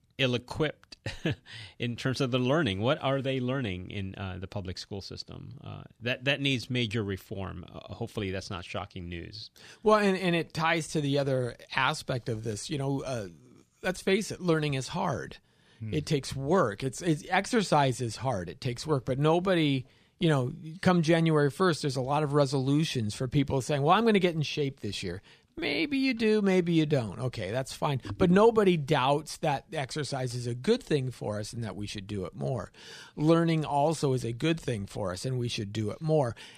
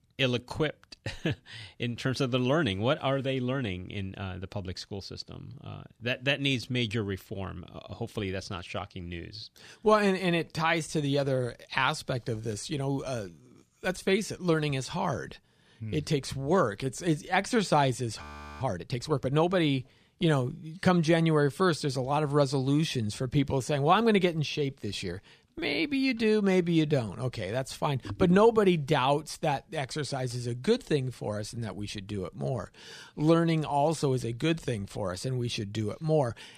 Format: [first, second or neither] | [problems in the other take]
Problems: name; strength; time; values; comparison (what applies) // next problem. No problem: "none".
first | audio freezing; at 18 s